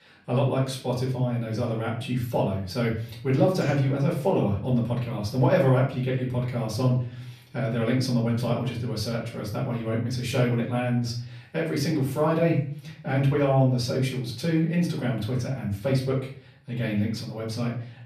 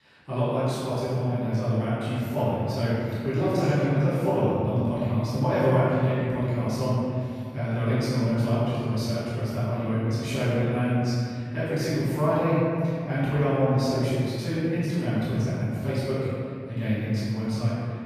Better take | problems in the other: first | room echo; strong; dies away in 2.4 s; slight in the first // off-mic speech; far; far in the first

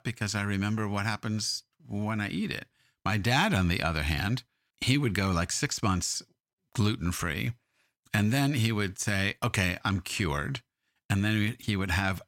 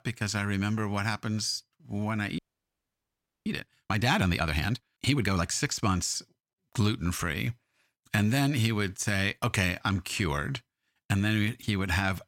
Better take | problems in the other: first | audio freezing; at 2.5 s for 1 s

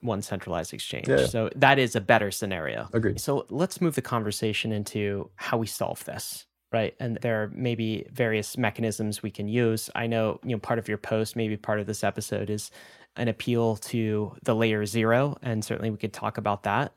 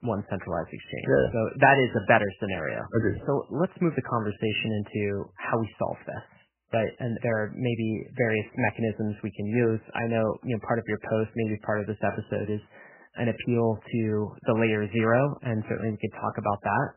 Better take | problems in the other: first | garbled, watery; badly; nothing above 3 kHz

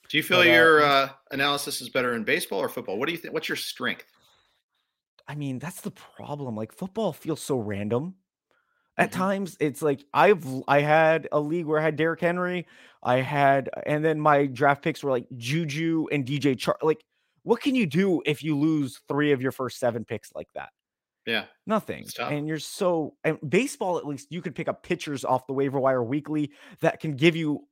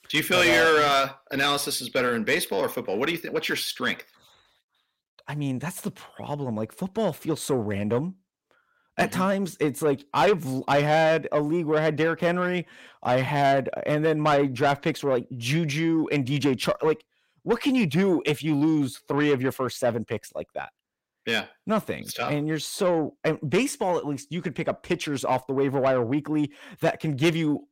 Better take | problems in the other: first | distortion; slight; 10 dB below the speech

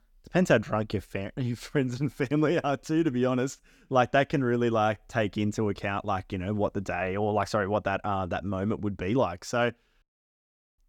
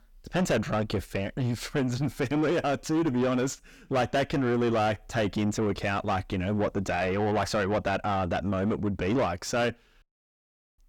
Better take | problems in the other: first | distortion; heavy; 6 dB below the speech

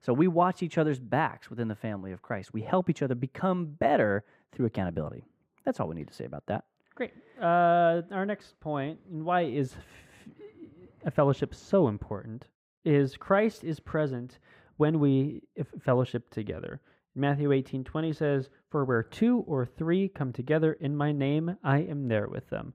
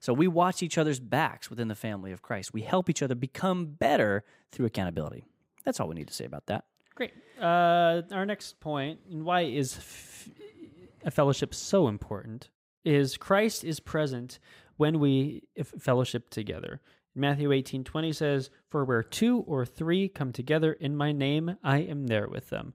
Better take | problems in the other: second | muffled; very; fading above 3 kHz

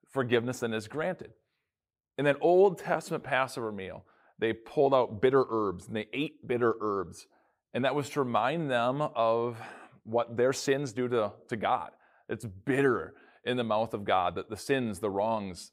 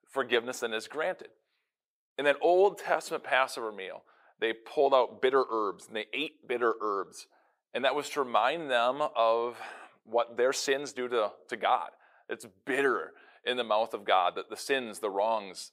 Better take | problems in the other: first | thin; somewhat; fading below 450 Hz

